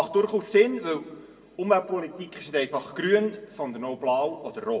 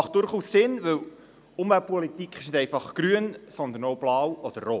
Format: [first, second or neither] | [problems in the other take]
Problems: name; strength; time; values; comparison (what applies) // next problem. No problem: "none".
second | room echo; dies away in 0.9 s